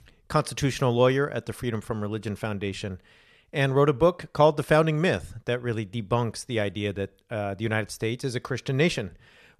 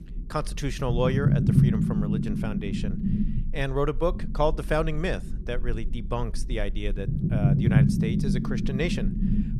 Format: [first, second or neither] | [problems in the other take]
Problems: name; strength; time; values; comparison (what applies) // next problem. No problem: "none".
first | low rumble; loud; throughout; 2 dB below the speech